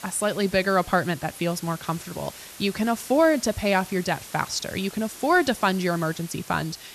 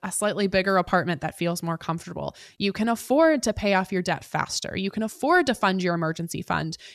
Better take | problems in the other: second | hiss; noticeable; throughout; 15 dB below the speech

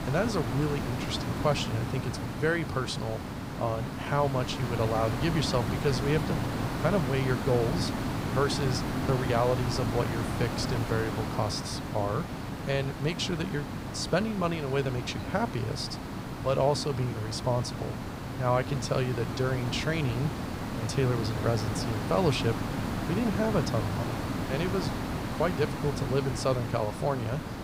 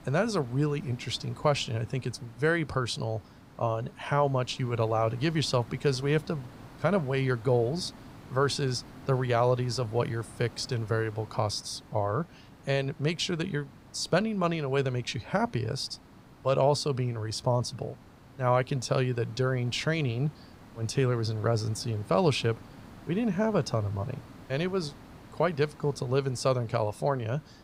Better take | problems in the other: second | hiss; loud; throughout; 3 dB below the speech; faint in the second

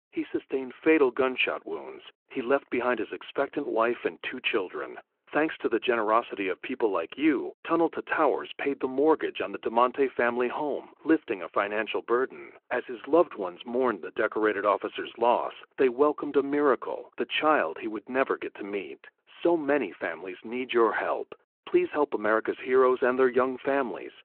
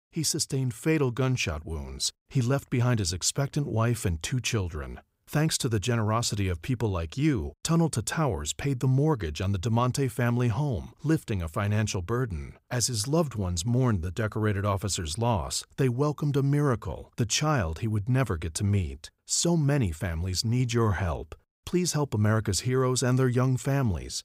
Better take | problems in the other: second | phone-call audio

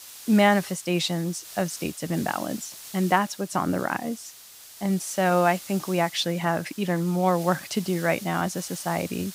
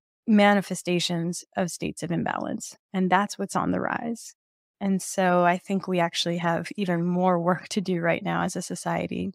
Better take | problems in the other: second | hiss; noticeable; throughout; 15 dB below the speech

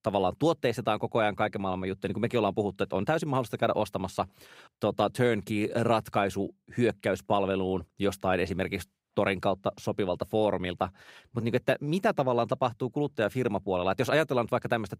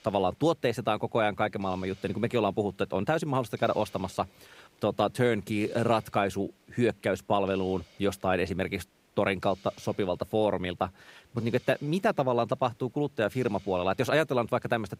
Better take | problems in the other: first | hiss; faint; throughout; 30 dB below the speech

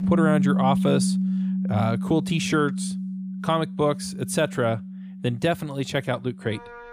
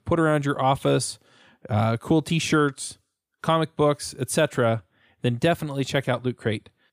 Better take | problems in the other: second | background music; loud; throughout; 1 dB below the speech

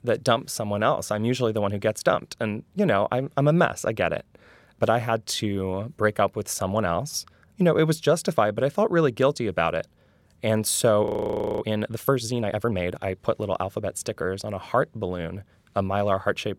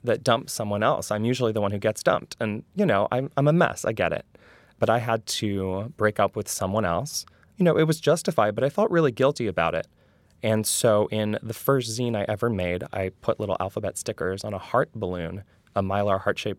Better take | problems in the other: second | audio freezing; at 11 s for 0.5 s

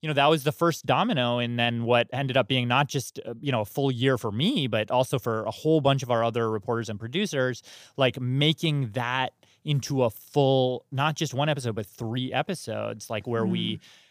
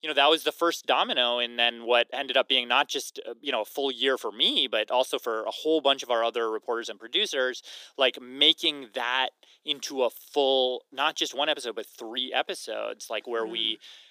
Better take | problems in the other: first | thin; somewhat; fading below 300 Hz

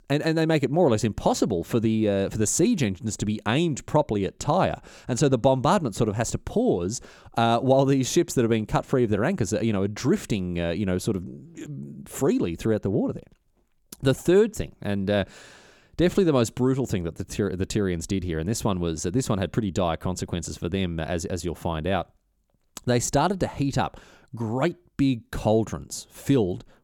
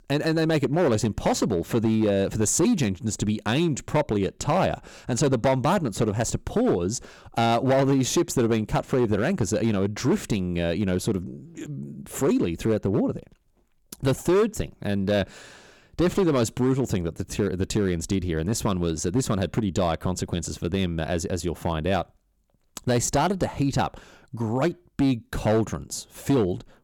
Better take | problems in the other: first | distortion; slight; 6% of the sound clipped

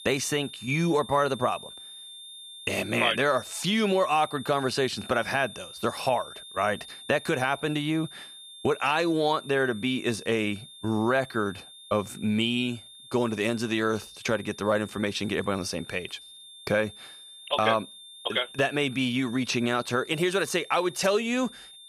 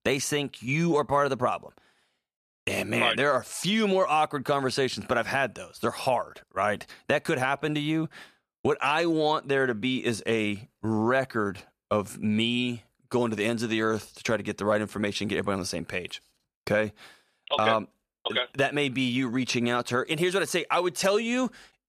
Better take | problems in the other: second | high-pitched whine; noticeable; throughout; 3.5 kHz, 15 dB below the speech

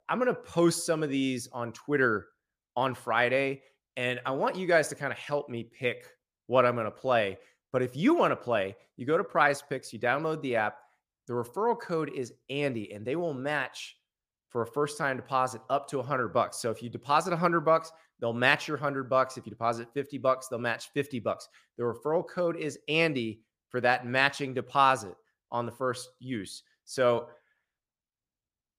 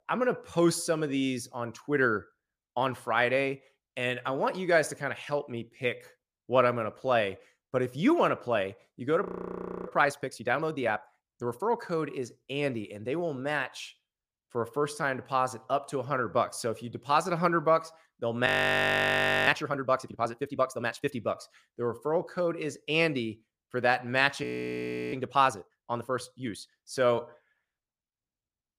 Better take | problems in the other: first | audio freezing; at 9 s for 0.5 s, at 18 s for 1 s and at 24 s for 0.5 s

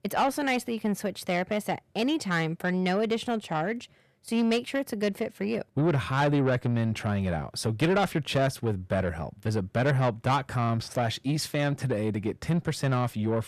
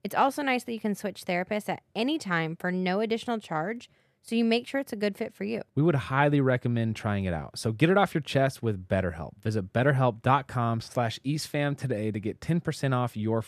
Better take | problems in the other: second | distortion; slight; 10 dB below the speech

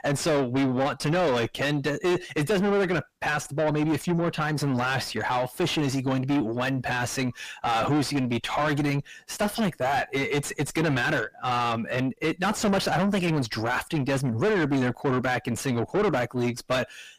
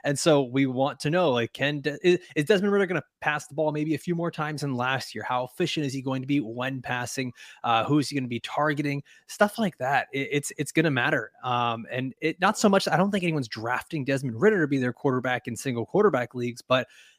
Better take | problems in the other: second | distortion; heavy; 5 dB below the speech

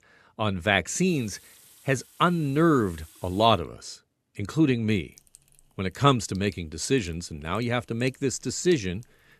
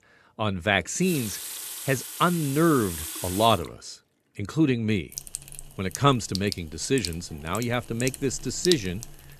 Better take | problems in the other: first | household noises; loud; throughout; 9 dB below the speech; faint in the first

